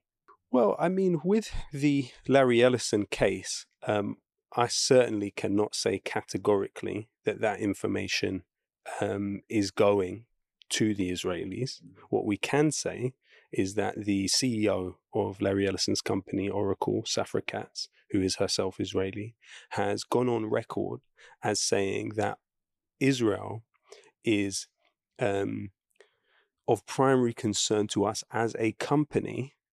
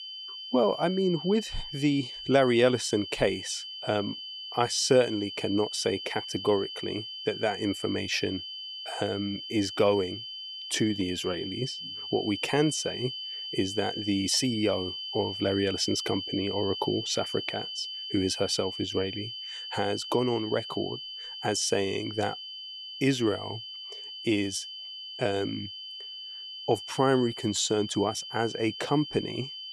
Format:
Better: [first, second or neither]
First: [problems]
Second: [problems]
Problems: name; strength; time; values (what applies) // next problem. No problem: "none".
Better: first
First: none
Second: high-pitched whine; loud; throughout; 3 kHz, 7 dB below the speech